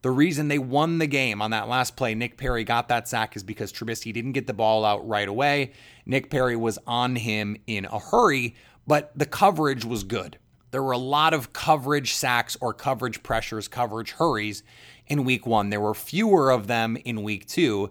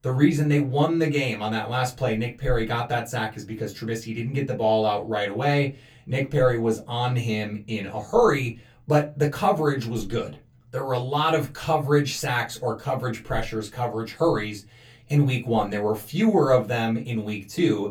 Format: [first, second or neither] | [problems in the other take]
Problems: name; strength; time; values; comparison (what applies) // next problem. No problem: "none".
first | off-mic speech; far // room echo; very slight; dies away in 0.2 s